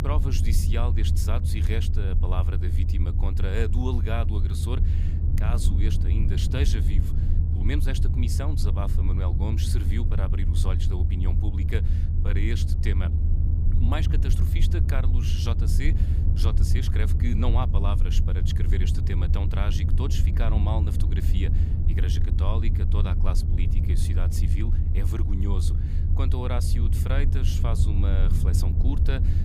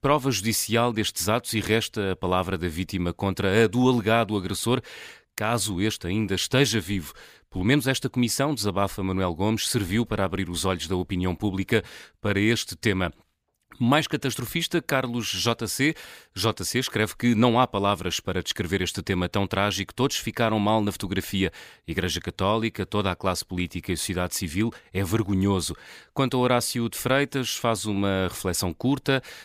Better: second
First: low rumble; loud; throughout; 4 dB below the speech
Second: none

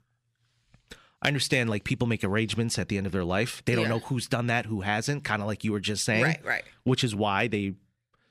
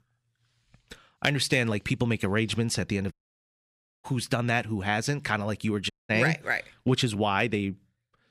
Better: first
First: none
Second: audio cutting out; at 3 s for 1 s and at 6 s

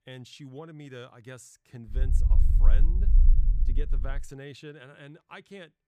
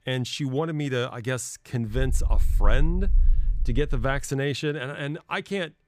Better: second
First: low rumble; loud; from 2 to 4 s; 4 dB below the speech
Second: low rumble; faint; from 2 to 4 s; 20 dB below the speech

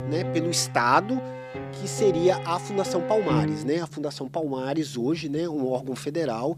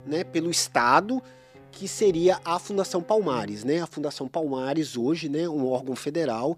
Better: second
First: background music; loud; throughout; 7 dB below the speech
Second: background music; faint; throughout; 20 dB below the speech

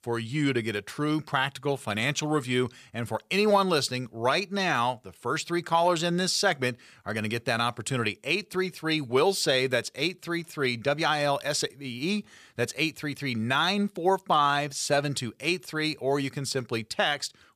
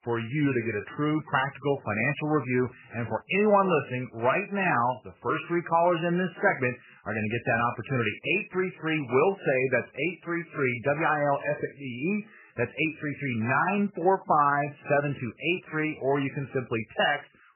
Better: first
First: none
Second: garbled, watery; badly; nothing above 3 kHz

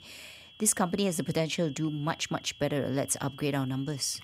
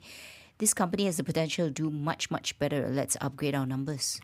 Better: second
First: high-pitched whine; faint; throughout; 3.5 kHz, 20 dB below the speech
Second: none

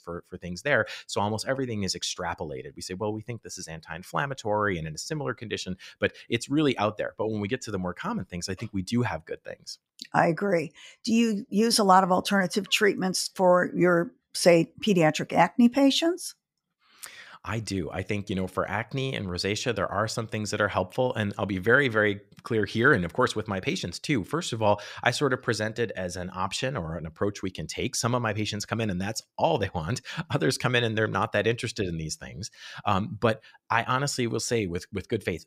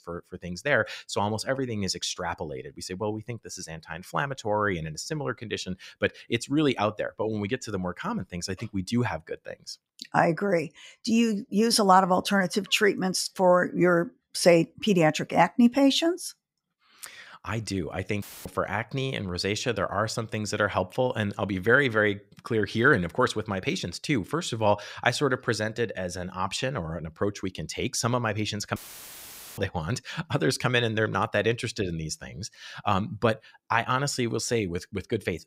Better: first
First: none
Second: audio cutting out; filled with static; at 18 s and at 29 s for 1 s

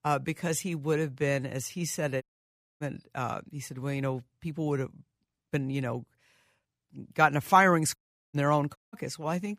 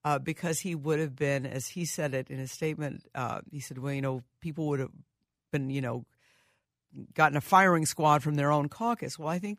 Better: second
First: audio cutting out; at 2 s for 0.5 s, at 8 s and at 9 s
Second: none

